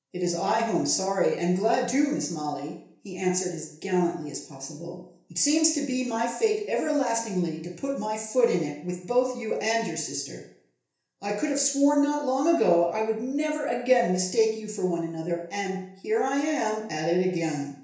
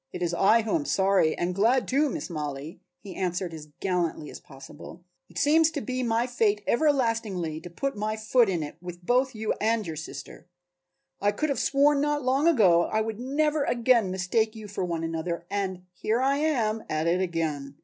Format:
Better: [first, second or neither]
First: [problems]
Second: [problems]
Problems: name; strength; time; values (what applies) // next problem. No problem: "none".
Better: second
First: room echo; dies away in 0.5 s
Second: none